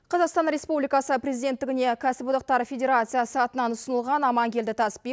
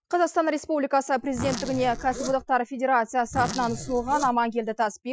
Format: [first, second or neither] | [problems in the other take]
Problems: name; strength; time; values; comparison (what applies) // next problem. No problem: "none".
first | noise reduction (classical method Wiener filter)